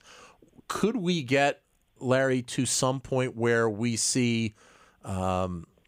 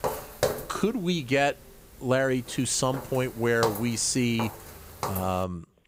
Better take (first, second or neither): first